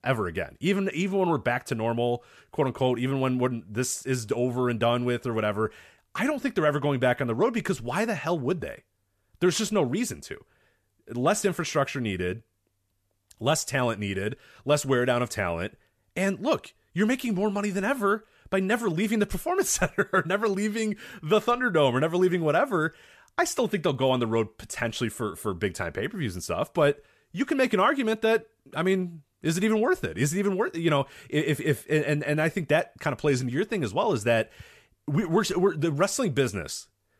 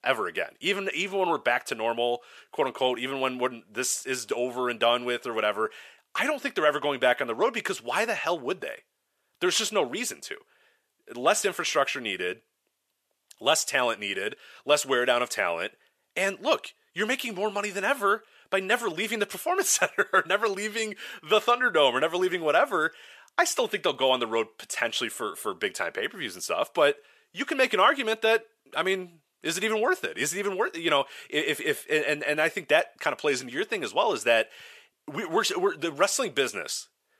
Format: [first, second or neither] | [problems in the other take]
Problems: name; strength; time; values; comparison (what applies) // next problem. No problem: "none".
first | thin; somewhat; fading below 450 Hz